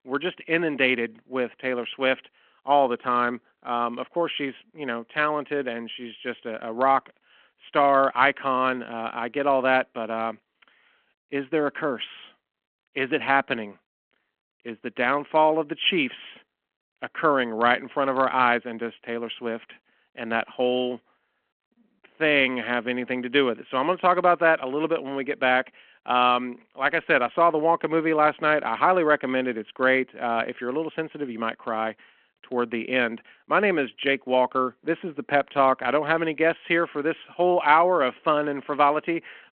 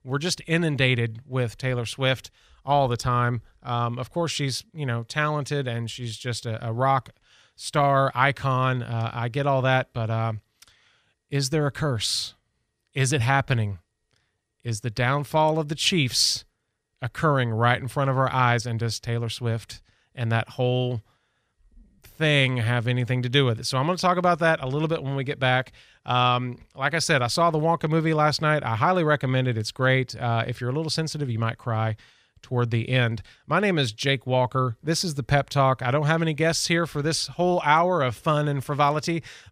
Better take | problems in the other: second | phone-call audio

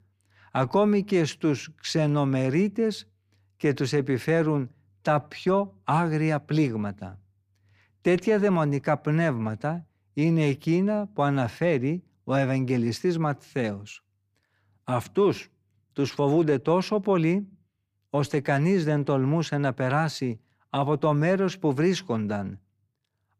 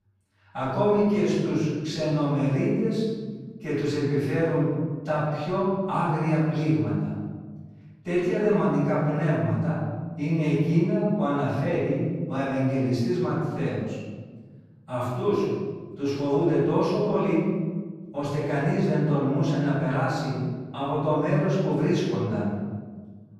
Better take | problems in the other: first | off-mic speech; far // room echo; strong; dies away in 1.6 s

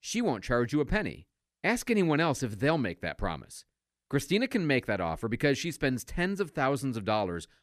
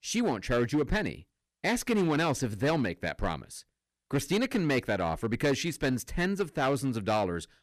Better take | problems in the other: first | distortion; slight; 6% of the sound clipped

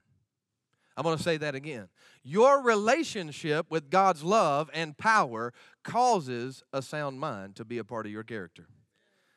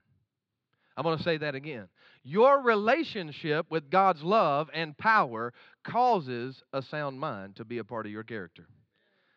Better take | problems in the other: first | muffled; very slightly; fading above 4 kHz

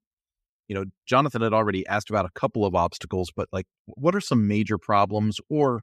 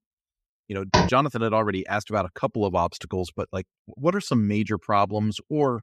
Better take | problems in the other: first | door banging; loud; at 1 s; peak 3 dB above the speech

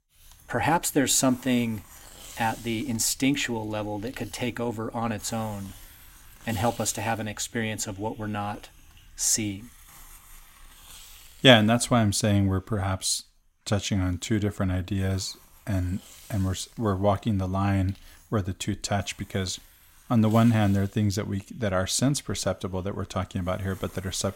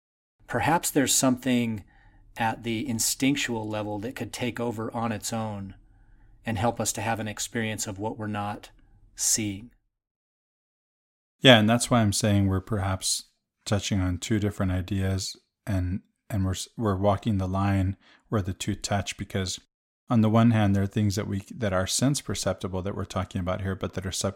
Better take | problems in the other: second | hiss; faint; throughout; 25 dB below the speech

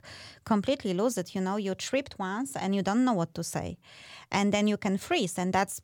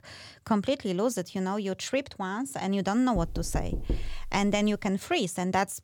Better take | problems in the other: first | door banging; noticeable; from 3 to 4.5 s; peak 5 dB below the speech

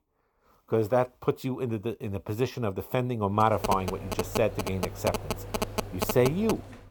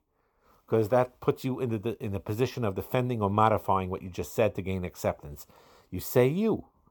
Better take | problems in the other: second | phone ringing; noticeable; from 3.5 s on; peak 3 dB below the speech

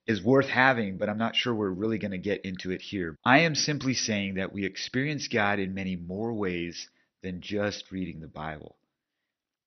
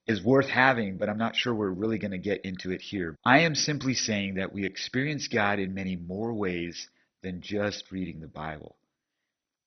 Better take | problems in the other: first | garbled, watery; badly; nothing above 6 kHz; slightly in the first

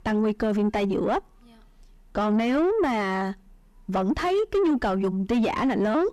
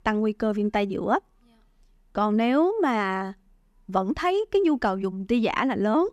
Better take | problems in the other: second | distortion; heavy; 6 dB below the speech

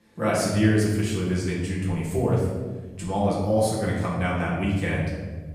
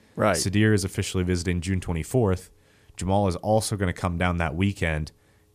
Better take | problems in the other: second | room echo; noticeable; dies away in 1.4 s // off-mic speech; far

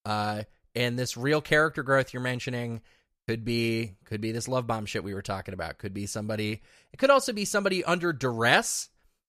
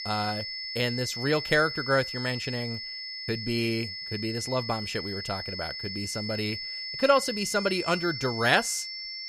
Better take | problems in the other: first | high-pitched whine; loud; throughout; 5 kHz, 5 dB below the speech

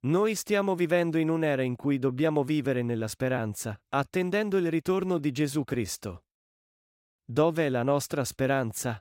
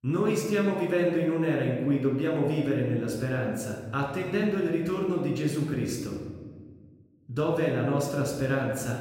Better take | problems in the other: first | off-mic speech; somewhat distant // room echo; noticeable; dies away in 1.4 s

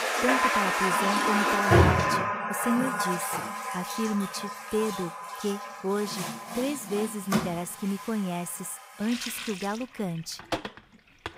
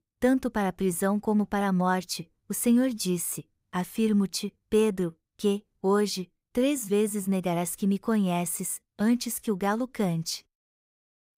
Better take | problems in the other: second | household noises; very loud; throughout; 4 dB above the speech

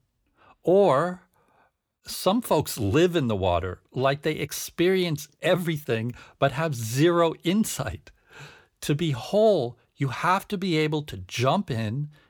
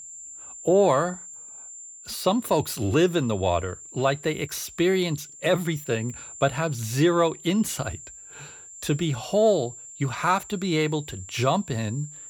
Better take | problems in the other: first | high-pitched whine; noticeable; throughout; 7.5 kHz, 15 dB below the speech

